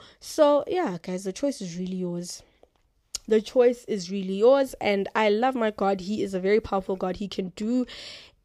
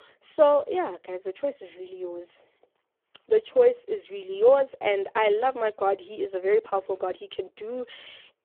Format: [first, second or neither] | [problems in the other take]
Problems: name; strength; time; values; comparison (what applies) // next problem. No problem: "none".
first | phone-call audio; poor line